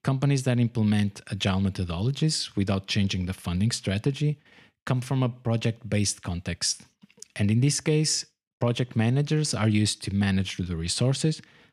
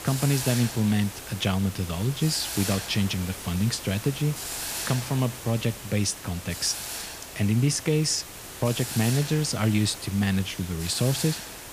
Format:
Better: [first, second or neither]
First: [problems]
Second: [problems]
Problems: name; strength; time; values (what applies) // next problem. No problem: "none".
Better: first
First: none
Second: hiss; loud; throughout; 8 dB below the speech